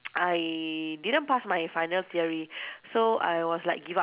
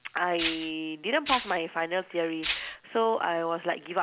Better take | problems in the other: first | background sound (Rattle (instrument)); 3 dB below the speech

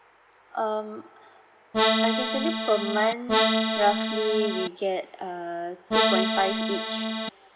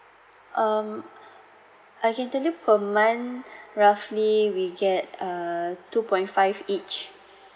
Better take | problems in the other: second | background sound (Accordion); 4 dB above the speech

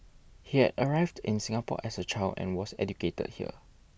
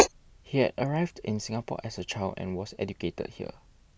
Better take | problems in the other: first | background sound (Writing); 2 dB below the speech

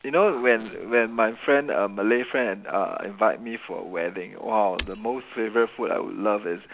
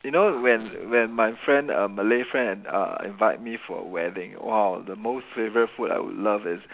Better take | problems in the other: second | background sound (Shatter); 10 dB below the speech

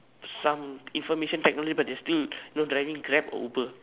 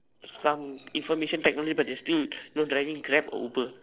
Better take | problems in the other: first | noise reduction (neural separator model SepFormer DNS4)

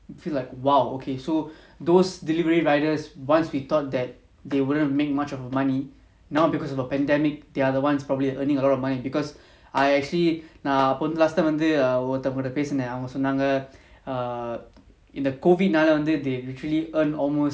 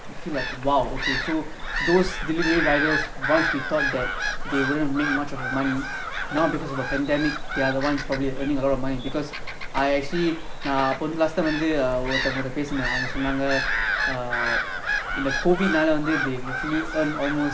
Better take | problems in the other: first | background sound (Gull, seagull / Bird vocalization, bird call, bird song); 2 dB below the speech

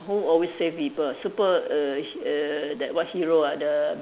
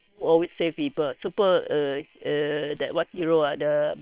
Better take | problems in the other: first | noise reduction (neural separator model SepFormer WHAM!)

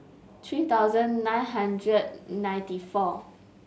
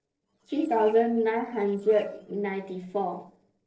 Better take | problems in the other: first | noise reduction (neural separator model SepFormer DNS4)

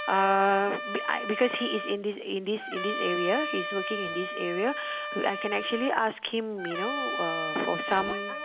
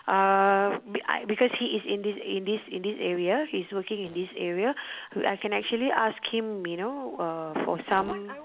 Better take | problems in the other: second | background sound (Trumpet); 5 dB below the speech

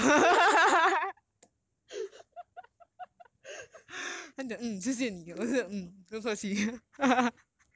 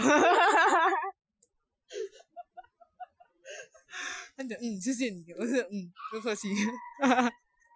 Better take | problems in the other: first | noise reduction (classical method Wiener filter)

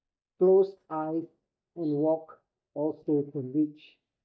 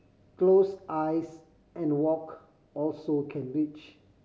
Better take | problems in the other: second | noise reduction (neural mask model DeepFilterNet 3)

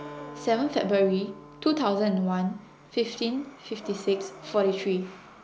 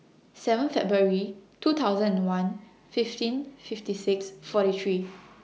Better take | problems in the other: second | background sound (Acoustic guitar + Breathing); 18 dB below the speech

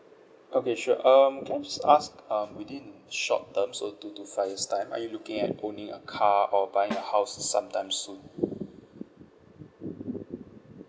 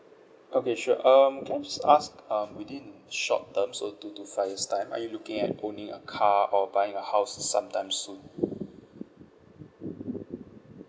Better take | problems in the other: second | background sound (Snare drum); 14 dB below the speech

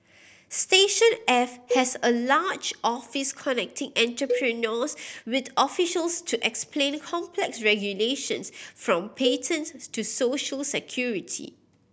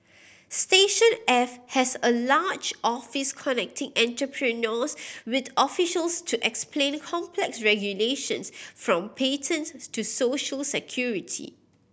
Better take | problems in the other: second | background sound (Cowbell); 8 dB below the speech

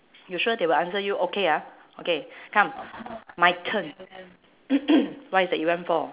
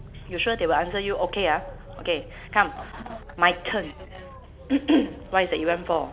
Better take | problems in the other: first | background sound (Boat, Water vehicle); 15 dB below the speech

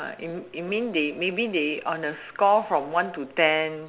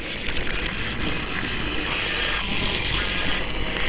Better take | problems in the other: first | noise reduction (neural separator model SepFormer WHAMR!)

